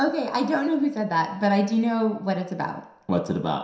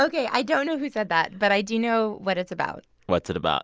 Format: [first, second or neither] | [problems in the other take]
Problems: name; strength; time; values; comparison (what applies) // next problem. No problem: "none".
second | room echo; dies away in 0.7 s